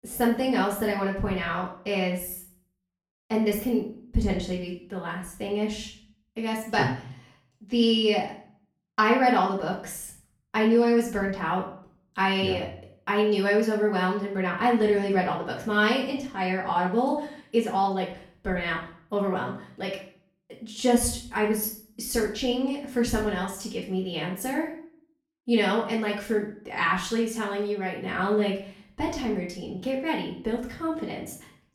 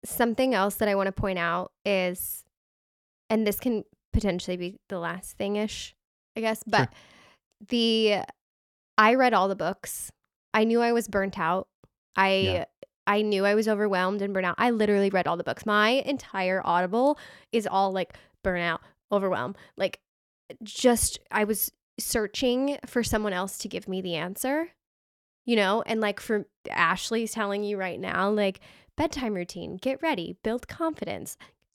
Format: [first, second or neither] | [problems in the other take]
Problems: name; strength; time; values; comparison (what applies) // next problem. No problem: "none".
second | off-mic speech; far // room echo; noticeable; dies away in 0.4 s